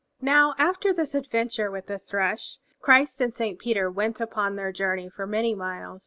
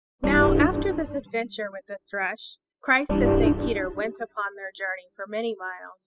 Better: first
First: none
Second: noise reduction (classical method spectral subtraction)

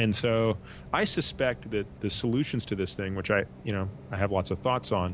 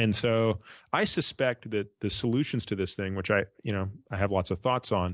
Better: second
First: background sound (Bus); 16 dB below the speech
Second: none

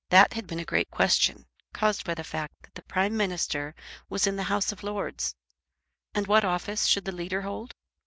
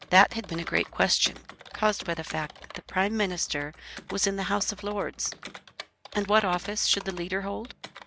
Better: first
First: none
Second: background sound (Computer keyboard); 17 dB below the speech

